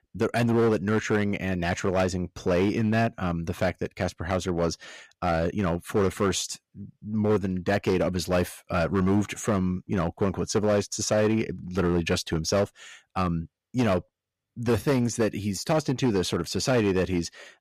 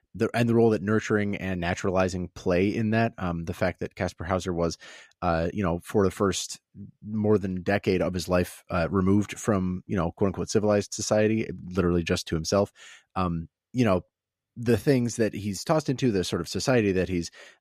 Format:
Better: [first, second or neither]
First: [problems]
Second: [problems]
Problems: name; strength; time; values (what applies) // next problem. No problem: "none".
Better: second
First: distortion; slight; 7% of the sound clipped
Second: none